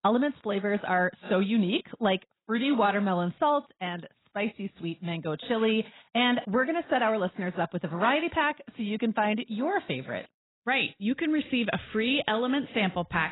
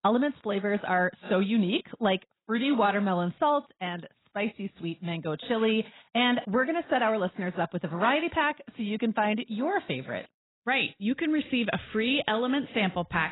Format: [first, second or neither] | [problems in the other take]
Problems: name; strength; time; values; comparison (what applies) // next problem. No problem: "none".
neither | garbled, watery; badly; nothing above 4 kHz; the same in both